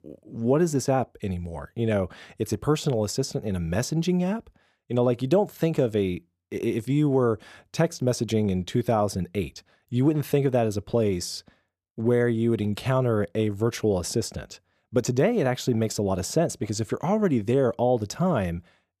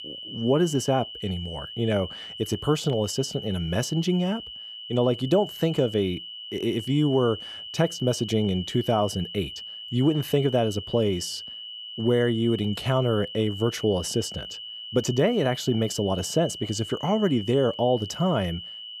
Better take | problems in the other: first | high-pitched whine; noticeable; throughout; 3 kHz, 10 dB below the speech

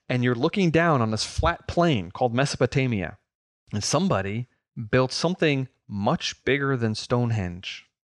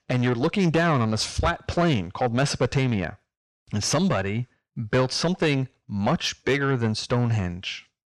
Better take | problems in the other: first | distortion; slight; 10 dB below the speech

